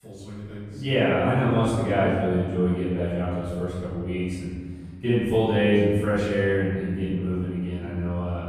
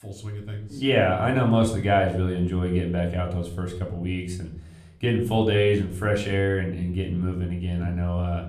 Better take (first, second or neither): second